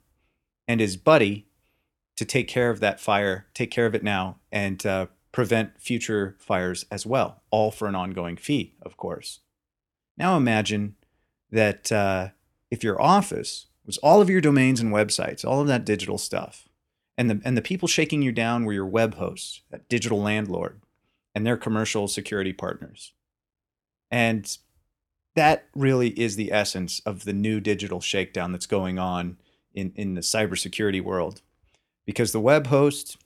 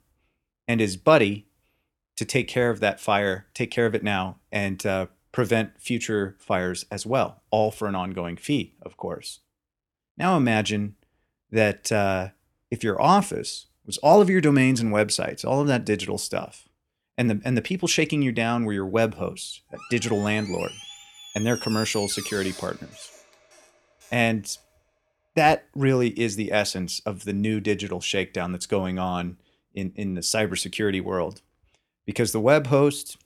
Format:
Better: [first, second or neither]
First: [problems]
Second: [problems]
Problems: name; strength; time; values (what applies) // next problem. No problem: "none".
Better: first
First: none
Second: door banging; noticeable; from 20 to 24 s; peak 8 dB below the speech